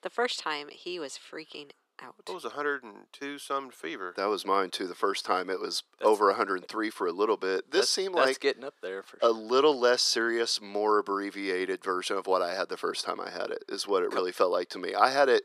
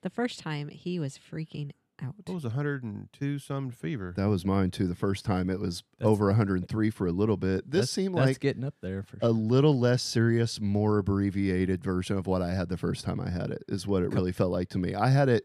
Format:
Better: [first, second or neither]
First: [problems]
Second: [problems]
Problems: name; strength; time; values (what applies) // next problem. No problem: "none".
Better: second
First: thin; very; fading below 400 Hz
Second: none